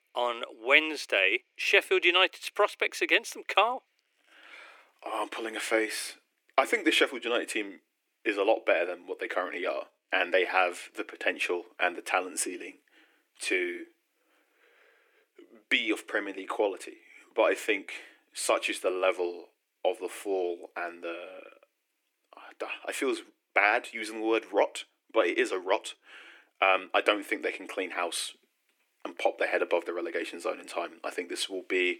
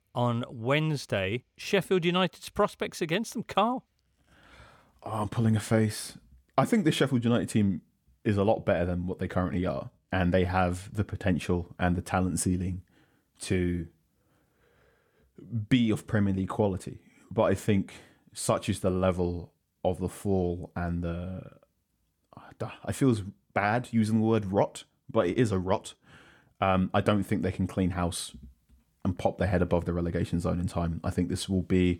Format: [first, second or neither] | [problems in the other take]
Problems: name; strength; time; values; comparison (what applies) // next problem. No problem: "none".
second | thin; very; fading below 300 Hz